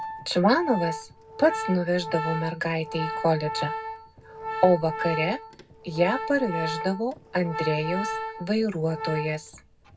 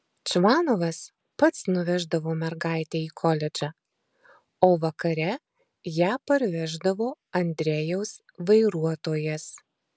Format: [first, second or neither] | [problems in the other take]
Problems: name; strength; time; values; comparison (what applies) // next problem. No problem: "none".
second | background sound (Organ); 7 dB below the speech // room echo; dies away in 0.3 s